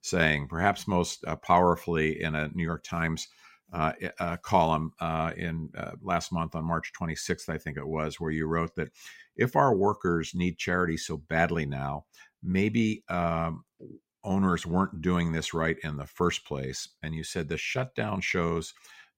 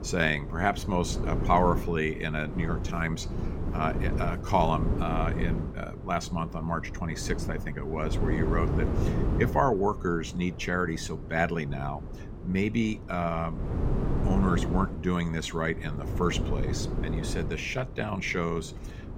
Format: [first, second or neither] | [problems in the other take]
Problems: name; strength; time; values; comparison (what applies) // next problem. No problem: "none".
first | wind noise on the microphone; occasional gusts; 10 dB below the speech